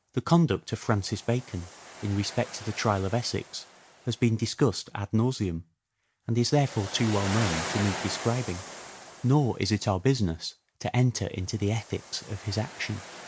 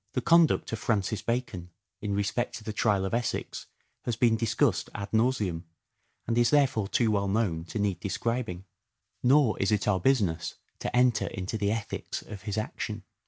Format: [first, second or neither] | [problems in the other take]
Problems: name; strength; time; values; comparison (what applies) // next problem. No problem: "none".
second | background sound (Waves, surf); 13 dB below the speech